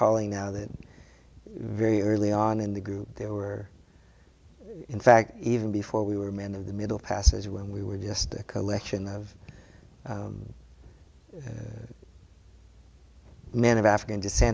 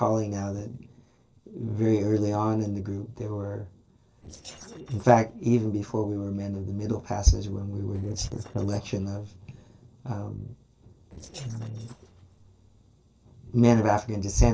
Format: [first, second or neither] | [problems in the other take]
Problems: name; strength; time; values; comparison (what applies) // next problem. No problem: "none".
first | noise reduction (neural separator model SepFormer DNS4)